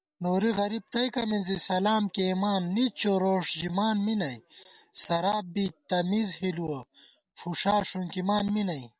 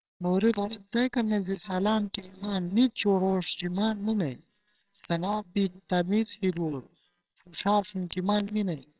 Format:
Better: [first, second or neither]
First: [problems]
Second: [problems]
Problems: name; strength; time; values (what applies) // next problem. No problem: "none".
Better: first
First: none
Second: noise reduction (neural separator model SepFormer WHAMR!)